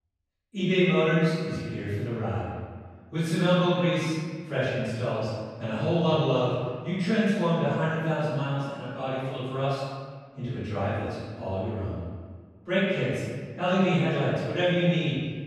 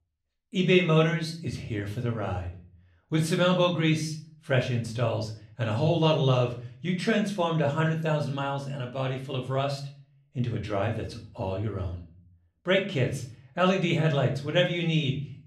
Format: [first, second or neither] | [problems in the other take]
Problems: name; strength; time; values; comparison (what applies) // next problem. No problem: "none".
second | room echo; strong; dies away in 1.5 s; slight in the second // off-mic speech; far; somewhat distant in the second